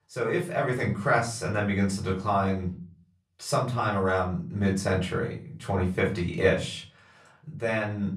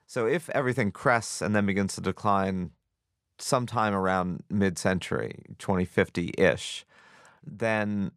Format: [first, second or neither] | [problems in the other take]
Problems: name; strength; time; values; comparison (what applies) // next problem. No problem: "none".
second | off-mic speech; far // room echo; slight; dies away in 0.4 s